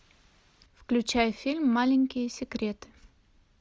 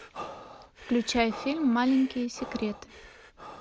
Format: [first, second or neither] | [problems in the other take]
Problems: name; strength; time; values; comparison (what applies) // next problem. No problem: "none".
first | background sound (Breathing); 15 dB below the speech